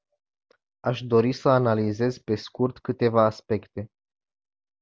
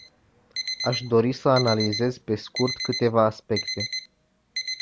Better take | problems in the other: first | background sound (Alarm); 8 dB below the speech

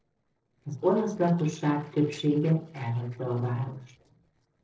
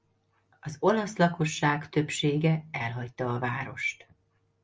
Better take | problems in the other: second | noise reduction (neural separator model SepFormer DNS4)

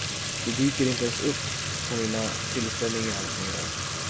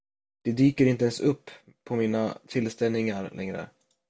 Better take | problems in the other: second | background sound (Fill (with liquid) / Trickle, dribble / Sink (filling or washing)); as loud as the speech

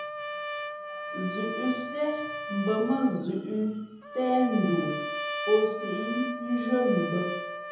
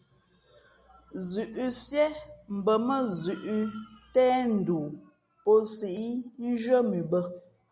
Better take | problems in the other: second | background sound (Trumpet); 7 dB below the speech // room echo; dies away in 0.9 s

